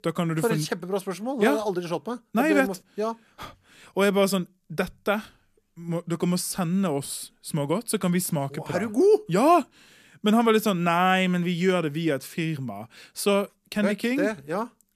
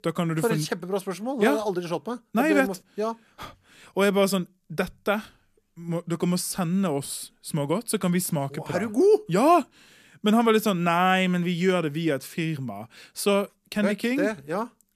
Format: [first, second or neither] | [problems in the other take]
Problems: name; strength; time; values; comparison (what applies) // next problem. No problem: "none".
neither | none